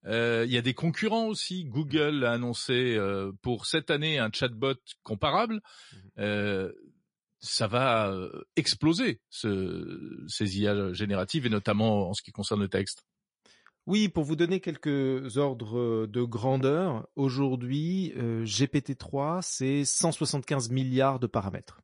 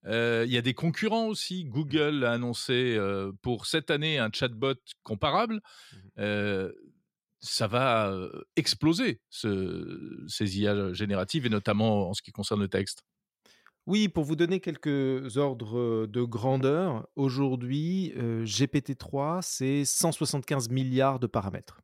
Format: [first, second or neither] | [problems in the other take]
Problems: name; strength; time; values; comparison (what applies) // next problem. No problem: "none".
second | garbled, watery; slightly; nothing above 10.5 kHz